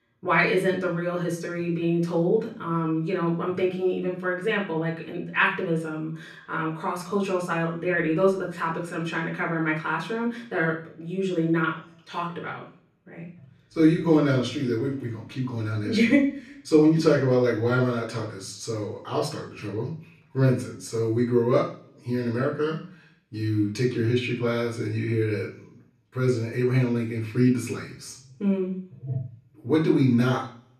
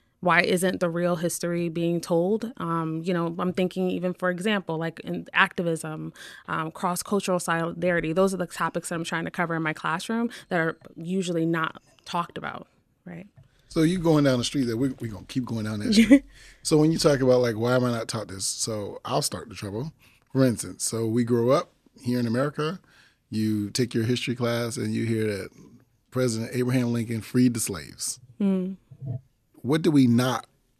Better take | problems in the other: second | room echo; noticeable; dies away in 0.5 s // off-mic speech; far

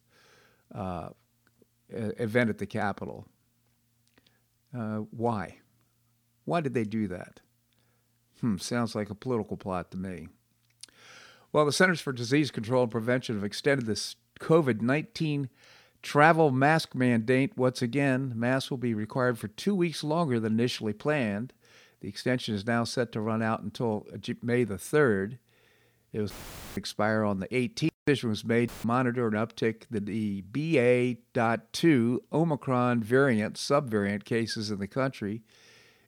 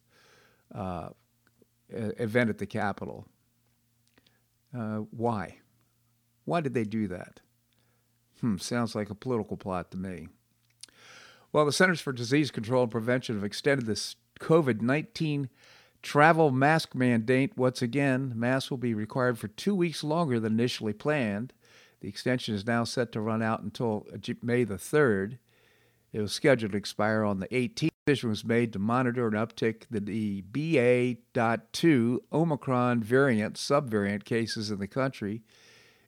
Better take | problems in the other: second | audio cutting out; filled with static; at 26 s and at 29 s

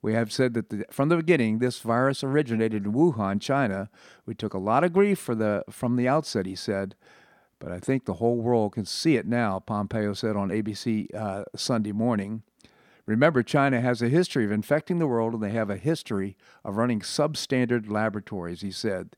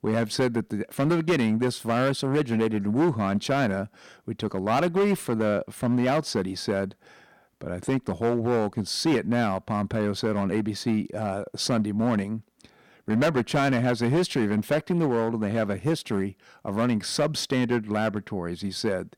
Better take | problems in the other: first | distortion; slight; 8% of the sound clipped

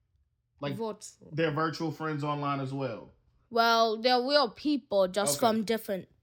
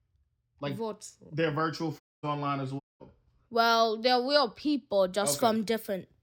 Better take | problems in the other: first | audio cutting out; at 2 s and at 3 s

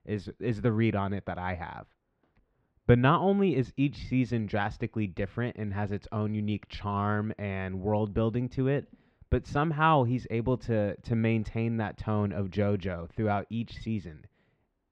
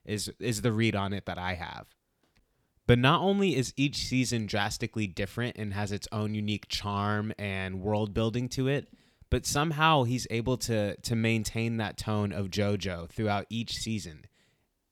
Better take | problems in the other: second | muffled; very; fading above 1.5 kHz

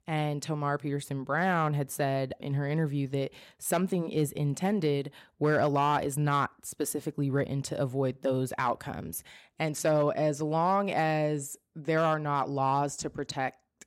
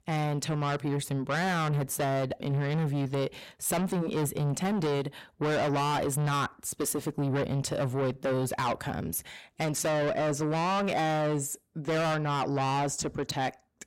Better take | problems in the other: first | distortion; heavy; 7 dB below the speech

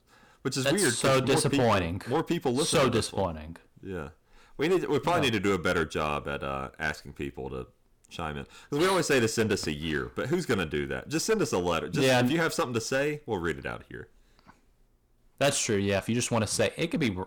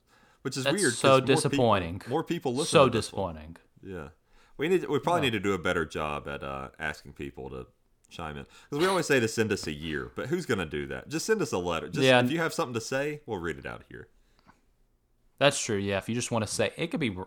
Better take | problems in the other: second | distortion; heavy; 7% of the sound clipped

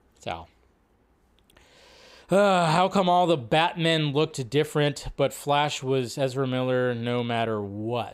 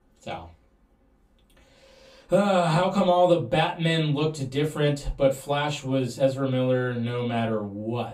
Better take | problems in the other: first | off-mic speech; far // room echo; very slight; dies away in 0.2 s

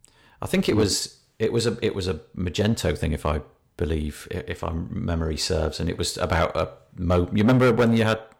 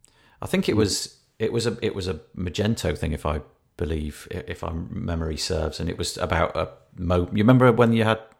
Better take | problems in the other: second | distortion; slight; 3% of the sound clipped

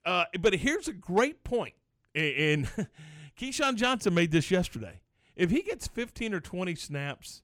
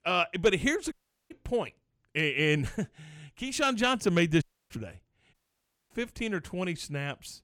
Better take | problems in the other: first | audio cutting out; at 1 s, at 4.5 s and at 5.5 s for 0.5 s

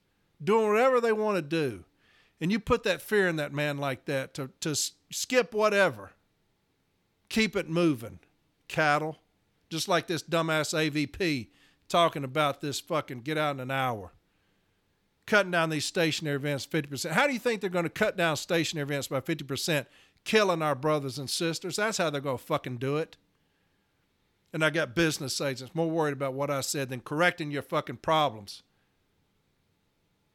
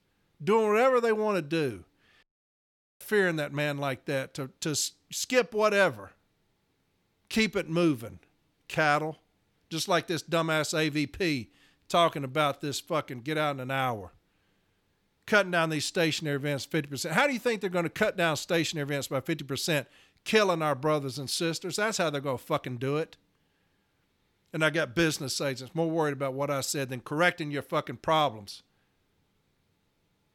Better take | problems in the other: first | audio cutting out; at 2 s for 1 s

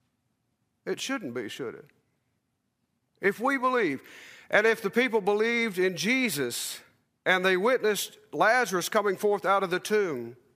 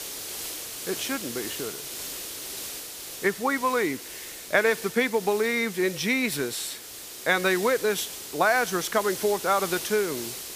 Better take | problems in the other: first | hiss; loud; throughout; 9 dB below the speech

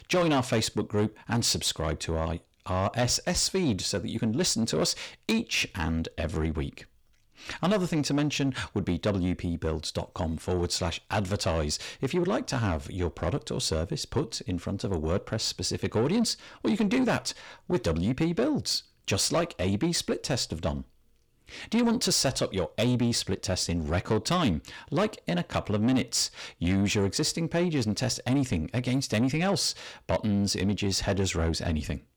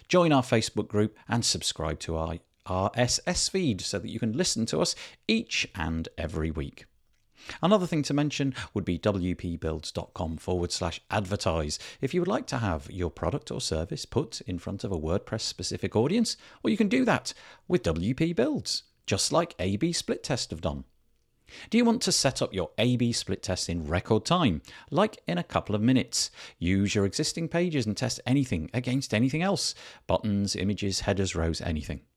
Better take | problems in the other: second | distortion; slight; 10 dB below the speech

